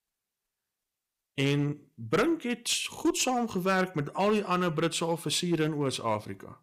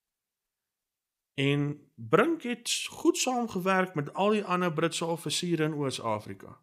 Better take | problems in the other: second | distortion; slight; 4% of the sound clipped

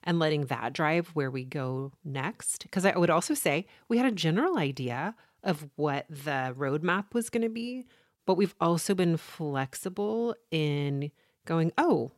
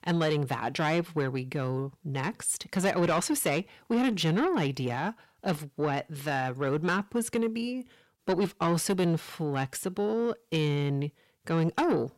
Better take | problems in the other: first | distortion; slight; 10 dB below the speech

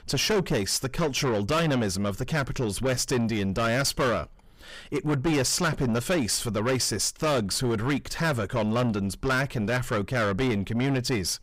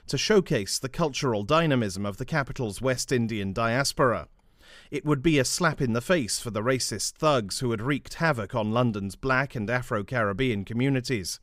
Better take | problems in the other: second | distortion; heavy; 7 dB below the speech

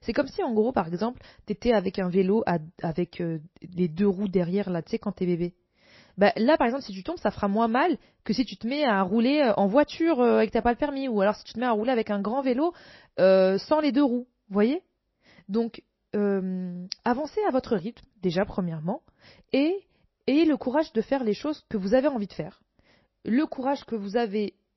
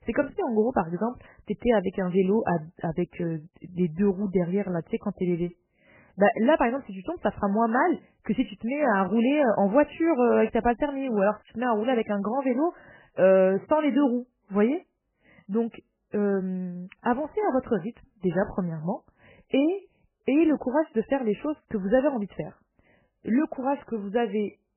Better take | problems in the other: first | garbled, watery; badly; nothing above 3 kHz; slightly in the first

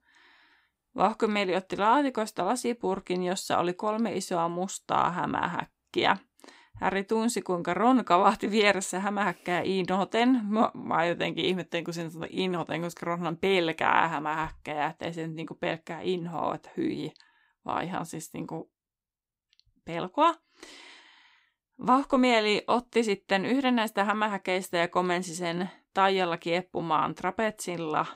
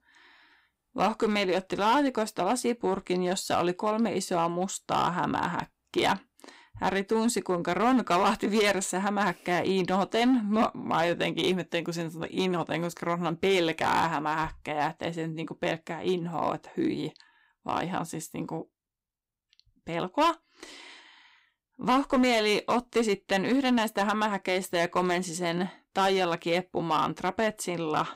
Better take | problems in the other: first | distortion; slight; 4% of the sound clipped

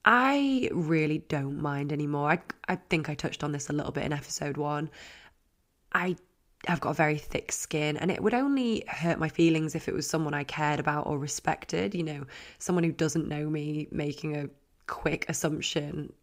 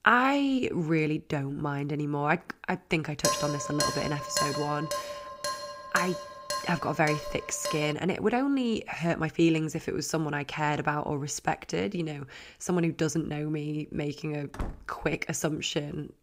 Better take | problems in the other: first | clattering dishes; loud; from 3 to 8 s; peak 2 dB above the speech // door banging; noticeable; at 15 s; peak 10 dB below the speech

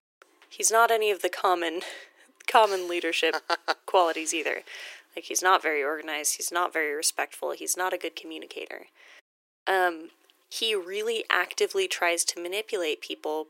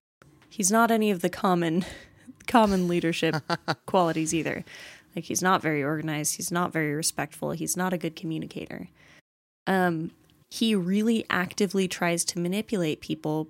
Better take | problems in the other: second | thin; very; fading below 400 Hz

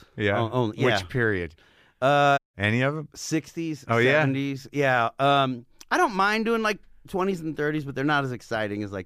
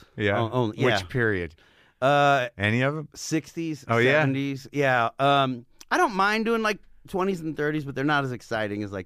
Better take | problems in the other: second | audio cutting out; at 2.5 s

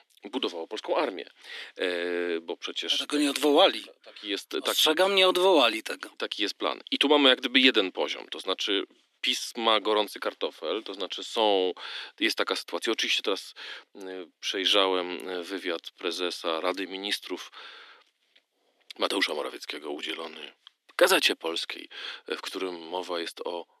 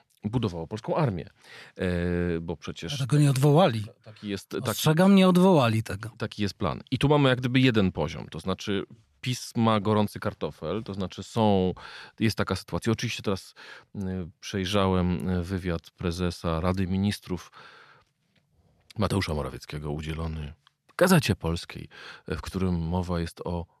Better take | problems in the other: second | thin; somewhat; fading below 250 Hz

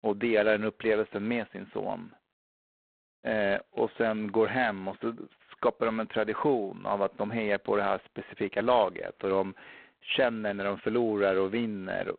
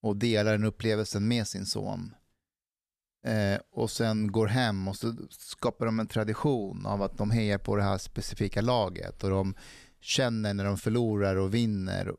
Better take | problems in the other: second | phone-call audio; poor line

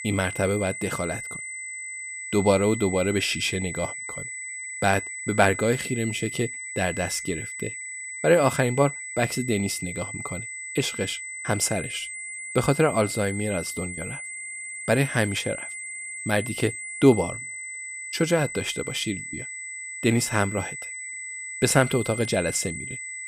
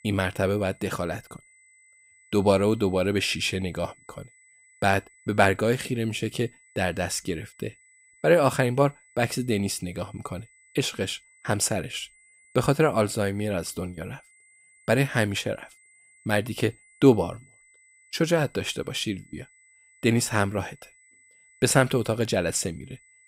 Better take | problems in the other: second | high-pitched whine; loud; throughout; 2 kHz, 8 dB below the speech; faint in the second

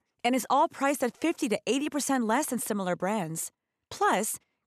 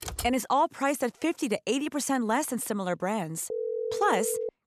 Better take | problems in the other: first | keyboard typing; noticeable; at the start; peak 8 dB below the speech // phone ringing; noticeable; at 3.5 s; peak 3 dB below the speech

